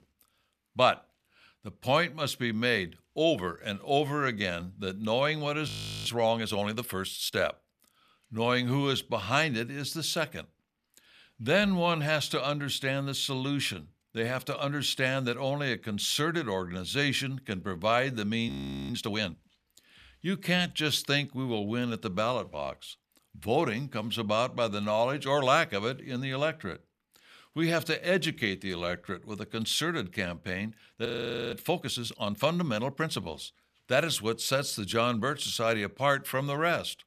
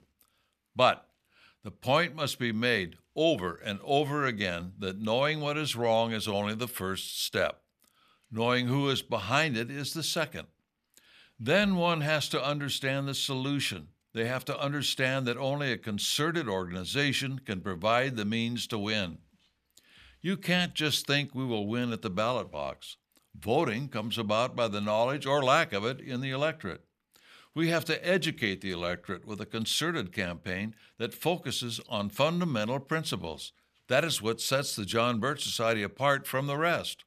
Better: second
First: audio freezing; at 5.5 s, at 18 s and at 31 s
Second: none

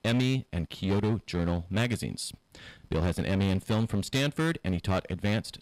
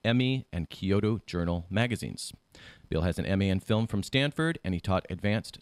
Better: second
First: distortion; slight; 12% of the sound clipped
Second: none

